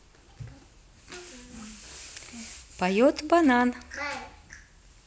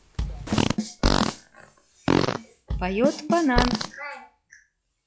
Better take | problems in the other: first | noise reduction (classical method log-MMSE)

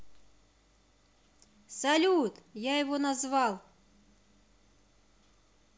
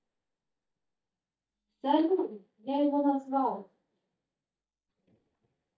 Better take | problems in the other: first | noise reduction (neural mask model DeepFilterNet 3)

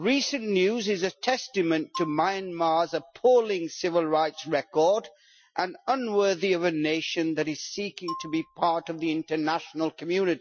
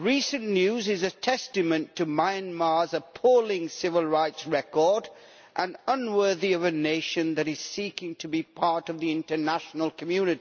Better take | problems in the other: second | noise reduction (classical method Wiener filter)

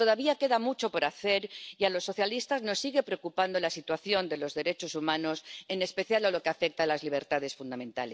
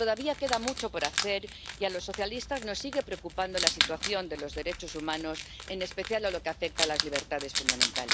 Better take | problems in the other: first | background sound (Wild animals); 1 dB below the speech

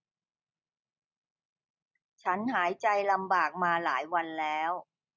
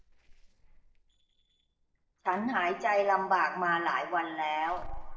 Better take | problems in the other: first | noise reduction (neural separator model SepFormer DNS4)

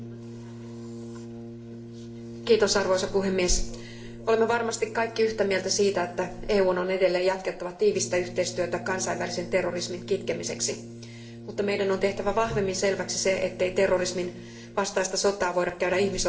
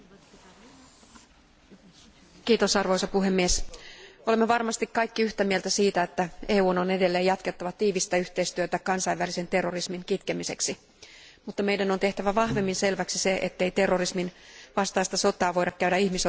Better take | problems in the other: second | background sound (Brass instrument); 15 dB below the speech // room echo; dies away in 0.6 s

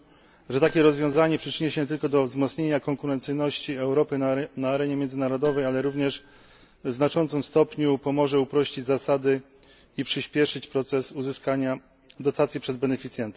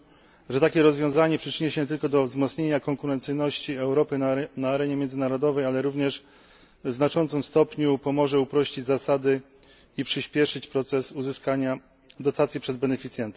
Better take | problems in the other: second | background sound (Marimba, xylophone); 20 dB below the speech

